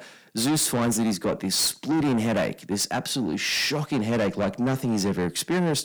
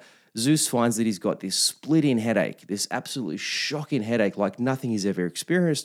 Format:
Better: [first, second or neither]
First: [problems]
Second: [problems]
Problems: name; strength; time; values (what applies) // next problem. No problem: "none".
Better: second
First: distortion; heavy; 7 dB below the speech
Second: none